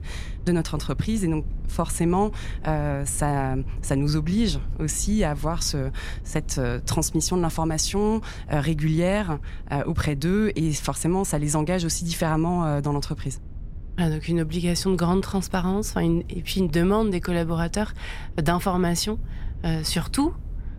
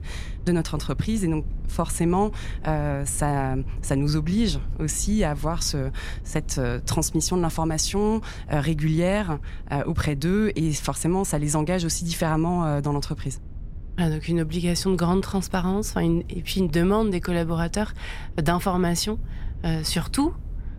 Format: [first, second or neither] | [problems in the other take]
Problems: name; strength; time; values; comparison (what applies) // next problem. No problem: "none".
neither | low rumble; faint; throughout; 25 dB below the speech; the same in both